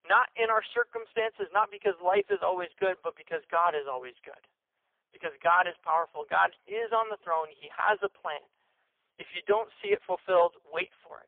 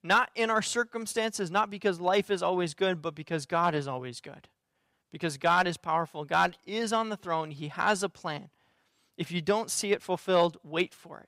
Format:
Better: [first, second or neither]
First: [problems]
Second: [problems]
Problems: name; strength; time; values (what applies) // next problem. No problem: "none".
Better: second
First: phone-call audio; poor line; nothing above 3 kHz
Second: none